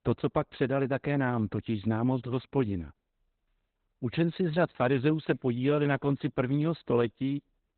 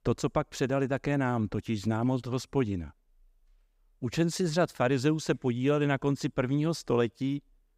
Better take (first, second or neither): second